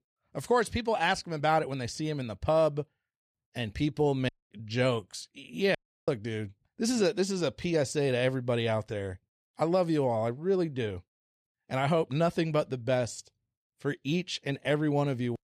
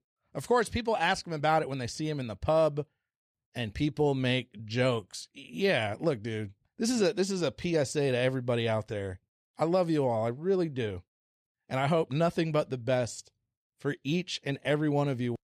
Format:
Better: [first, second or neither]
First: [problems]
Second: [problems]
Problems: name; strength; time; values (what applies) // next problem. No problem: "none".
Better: second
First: audio cutting out; at 4.5 s and at 6 s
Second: none